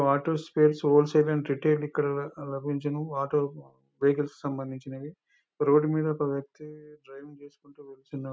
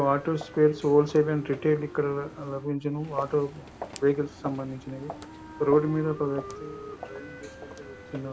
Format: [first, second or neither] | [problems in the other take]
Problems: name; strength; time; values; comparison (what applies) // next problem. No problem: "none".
first | background sound (Walk, footsteps + Wind instrument, woodwind instrument); 14 dB below the speech